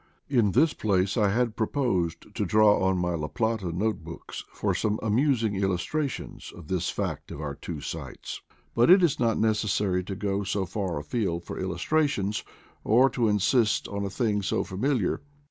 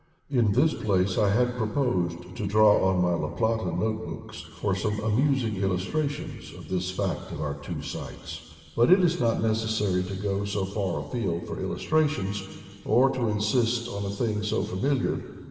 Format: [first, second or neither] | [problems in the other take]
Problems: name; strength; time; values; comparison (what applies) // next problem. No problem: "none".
first | room echo; dies away in 2.1 s